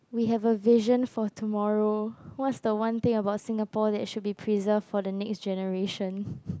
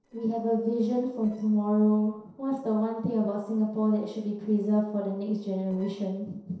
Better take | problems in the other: first | noise reduction (neural separator model SepFormer DNS4)

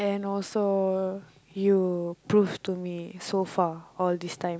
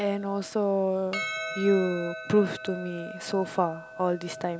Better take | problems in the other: first | background sound (Percussion); 11 dB below the speech

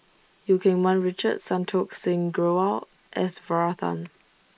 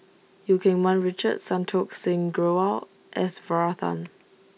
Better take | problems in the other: second | noise reduction (neural mask model Resemble Enhance denoiser)

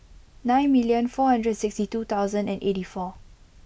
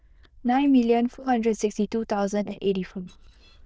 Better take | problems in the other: first | noise reduction (neural diffusion model UNIVERSE++)

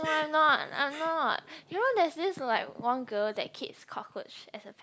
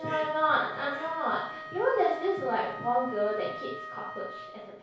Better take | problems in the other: first | background sound (Wind instrument, woodwind instrument); 11 dB below the speech // room echo; dies away in 0.6 s

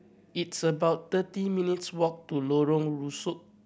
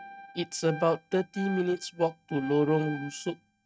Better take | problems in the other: first | noise reduction (neural mask model RNNoise)

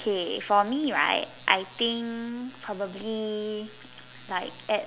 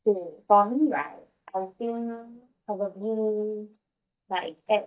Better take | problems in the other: first | noise reduction (neural mask model DeepFilterNet 3)

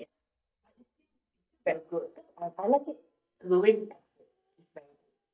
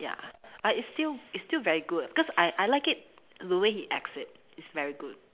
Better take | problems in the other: second | noise reduction (neural mask model DeepFilterNet 3)

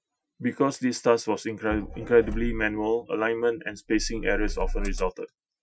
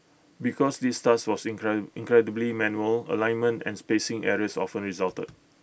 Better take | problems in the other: second | noise reduction (classical method Wiener filter)

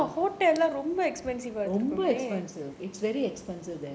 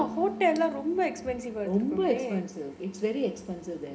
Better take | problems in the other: first | background sound (Keyboard (musical)); 16 dB below the speech // room echo; dies away in 0.3 s

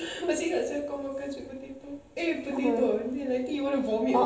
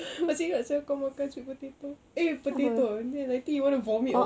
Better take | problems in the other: second | room echo; dies away in 0.8 s

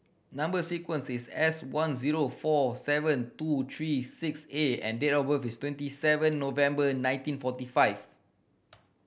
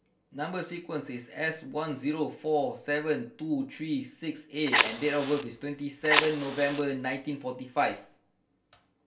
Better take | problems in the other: first | background sound (Fire); 1 dB above the speech // room echo; dies away in 0.3 s

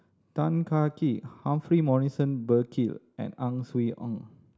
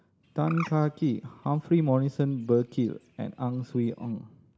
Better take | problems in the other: first | background sound (Bird); 20 dB below the speech

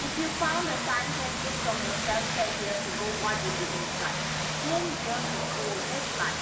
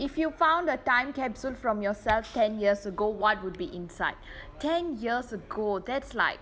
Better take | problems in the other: second | background sound (Vehicle); 2 dB above the speech // room echo; dies away in 2.4 s

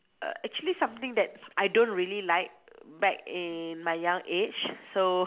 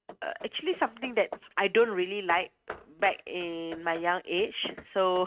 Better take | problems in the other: first | noise reduction (neural mask model RNNoise)

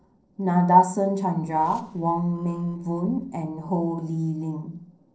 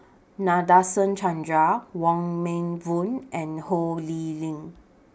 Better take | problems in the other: second | noise reduction (neural separator model SepFormer DNS4)

